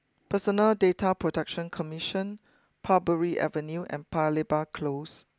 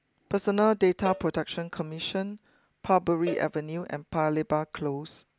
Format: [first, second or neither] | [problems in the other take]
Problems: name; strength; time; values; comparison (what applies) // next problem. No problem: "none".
first | background sound (Cowbell); 16 dB below the speech